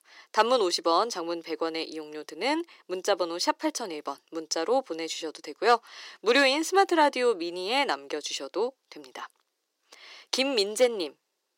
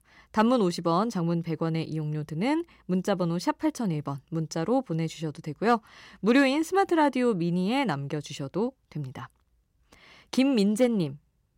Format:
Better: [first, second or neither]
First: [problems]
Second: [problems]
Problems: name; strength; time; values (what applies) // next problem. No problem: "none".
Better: second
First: thin; very; fading below 350 Hz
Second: none